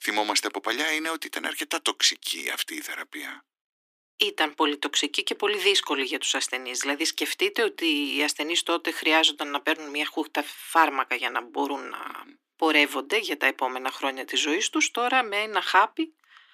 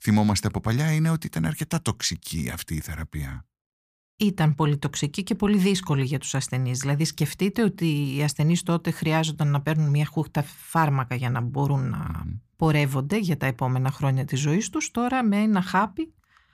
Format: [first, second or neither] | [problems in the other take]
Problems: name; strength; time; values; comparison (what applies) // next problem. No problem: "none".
second | thin; very; fading below 300 Hz